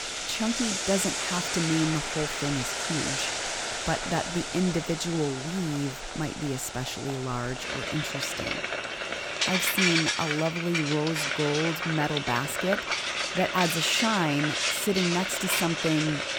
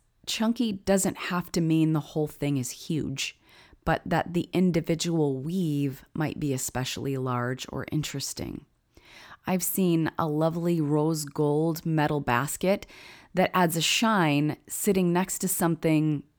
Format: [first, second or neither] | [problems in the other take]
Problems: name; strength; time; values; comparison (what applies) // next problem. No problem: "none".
second | household noises; very loud; throughout; as loud as the speech